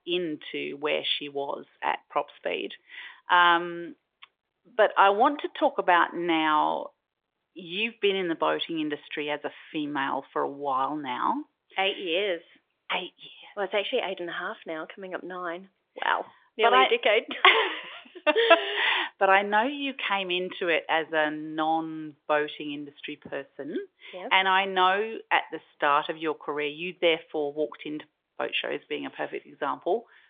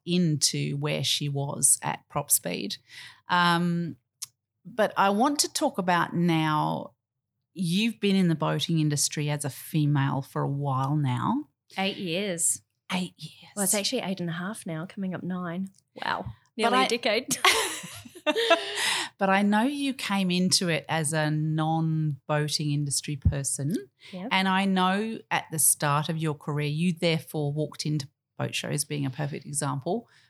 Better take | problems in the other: second | phone-call audio; nothing above 3.5 kHz

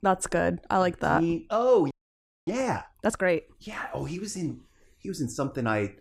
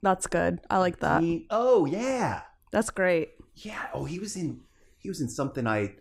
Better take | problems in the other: second | audio freezing; at 2 s for 0.5 s

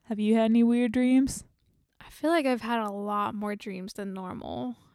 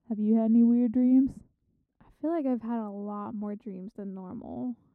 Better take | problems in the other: first | muffled; very; fading above 1.5 kHz

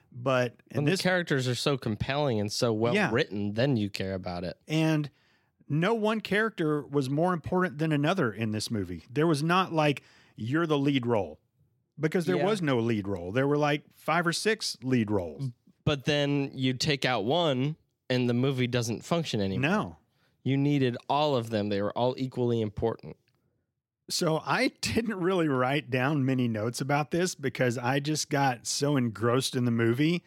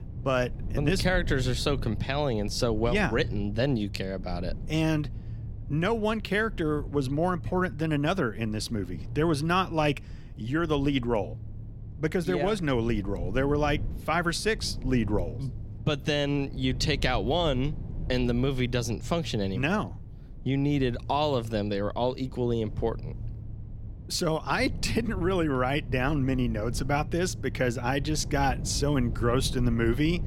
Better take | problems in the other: first | low rumble; faint; throughout; 20 dB below the speech

